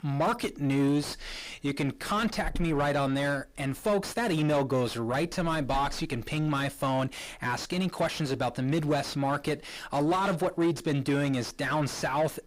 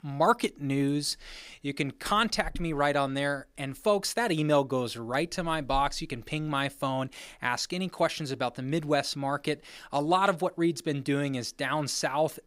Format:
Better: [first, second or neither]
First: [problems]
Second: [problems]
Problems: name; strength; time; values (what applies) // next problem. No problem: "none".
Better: second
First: distortion; heavy; 6 dB below the speech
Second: none